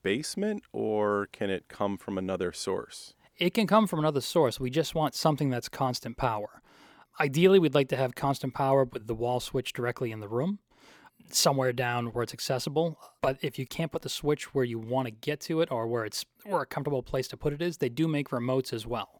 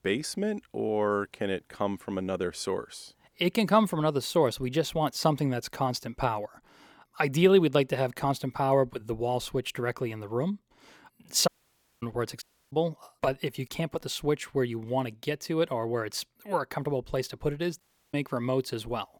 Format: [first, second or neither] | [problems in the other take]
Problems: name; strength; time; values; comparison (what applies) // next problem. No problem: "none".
first | audio cutting out; at 11 s for 0.5 s, at 12 s and at 18 s